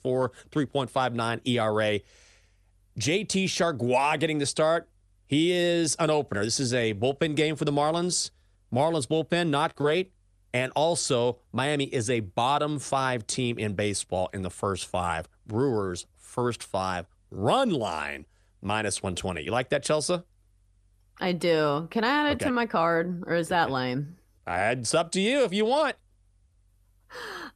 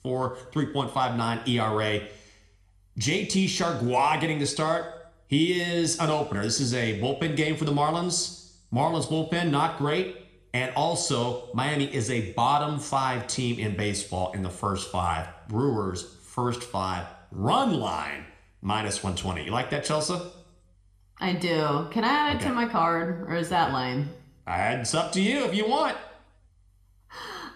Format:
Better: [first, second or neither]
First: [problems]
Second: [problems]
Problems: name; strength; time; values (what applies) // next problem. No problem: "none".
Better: first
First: none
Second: room echo; very slight; dies away in 0.7 s